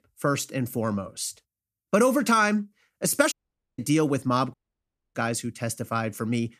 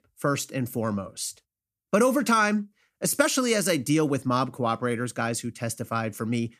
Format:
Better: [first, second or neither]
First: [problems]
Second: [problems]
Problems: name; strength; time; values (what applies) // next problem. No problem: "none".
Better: second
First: audio cutting out; at 3.5 s and at 4.5 s for 0.5 s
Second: none